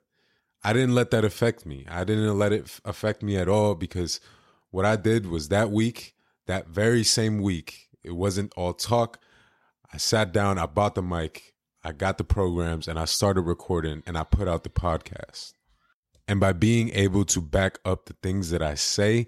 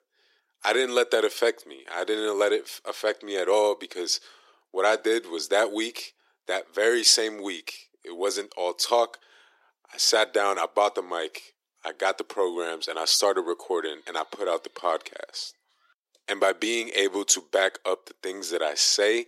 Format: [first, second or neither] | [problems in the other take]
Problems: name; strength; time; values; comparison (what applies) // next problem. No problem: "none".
first | thin; very; fading below 350 Hz